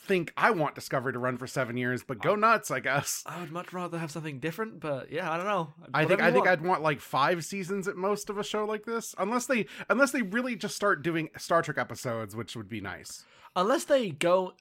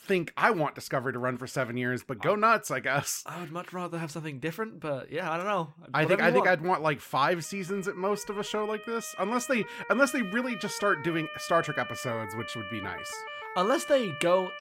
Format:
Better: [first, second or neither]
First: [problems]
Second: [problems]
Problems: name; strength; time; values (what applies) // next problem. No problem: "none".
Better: first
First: none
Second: siren; noticeable; from 7.5 s on; peak 9 dB below the speech